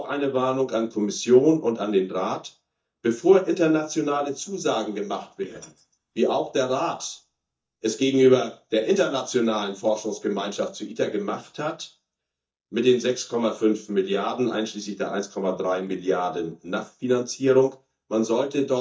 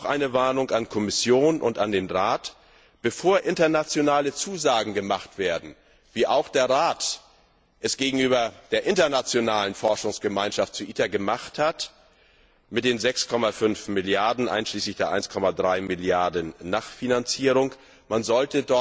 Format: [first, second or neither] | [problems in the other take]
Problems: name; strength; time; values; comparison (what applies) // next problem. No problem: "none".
second | noise reduction (neural mask model DeepFilterNet 3)